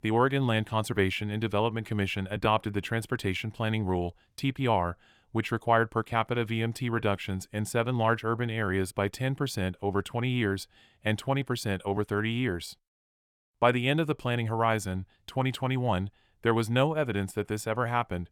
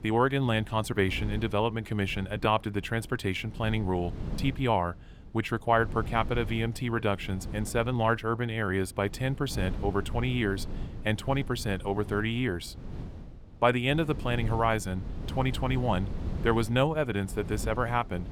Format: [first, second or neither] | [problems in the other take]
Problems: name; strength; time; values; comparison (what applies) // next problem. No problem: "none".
first | wind noise on the microphone; occasional gusts; 20 dB below the speech